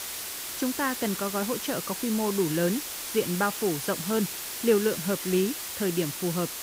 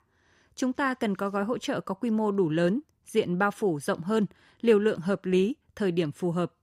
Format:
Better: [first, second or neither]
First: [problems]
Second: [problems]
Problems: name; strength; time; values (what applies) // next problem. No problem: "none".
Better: second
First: hiss; loud; throughout; 4 dB below the speech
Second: none